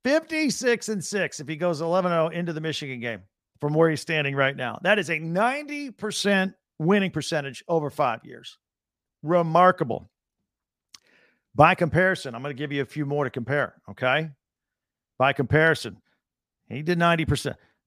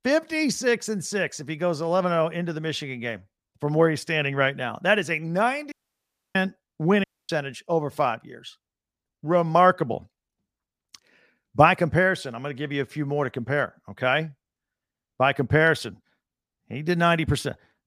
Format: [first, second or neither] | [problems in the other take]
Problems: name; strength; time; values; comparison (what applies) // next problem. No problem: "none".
first | audio cutting out; at 5.5 s for 0.5 s and at 7 s